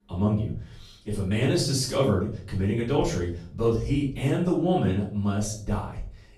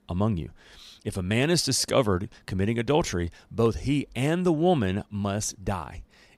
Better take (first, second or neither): second